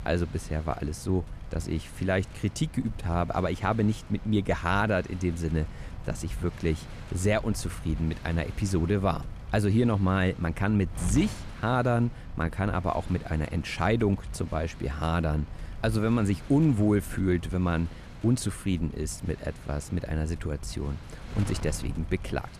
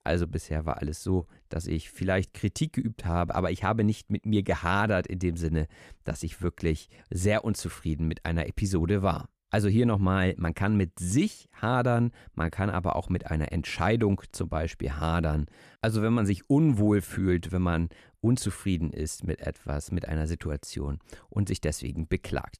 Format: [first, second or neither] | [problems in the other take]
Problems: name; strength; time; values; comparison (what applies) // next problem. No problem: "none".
second | wind noise on the microphone; occasional gusts; 15 dB below the speech